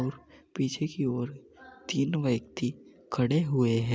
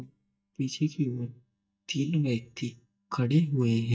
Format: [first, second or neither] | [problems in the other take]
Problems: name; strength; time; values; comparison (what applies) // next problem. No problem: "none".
first | noise reduction (neural mask model DeepFilterNet 3)